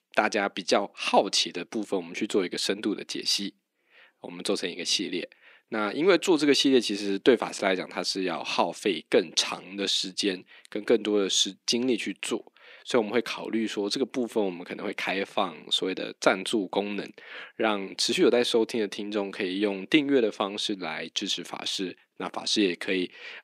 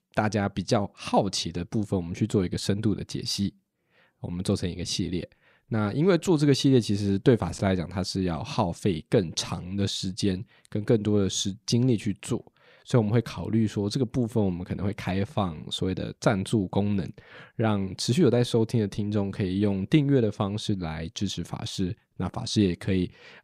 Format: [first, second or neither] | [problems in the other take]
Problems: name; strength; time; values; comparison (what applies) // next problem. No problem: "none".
second | thin; somewhat; fading below 250 Hz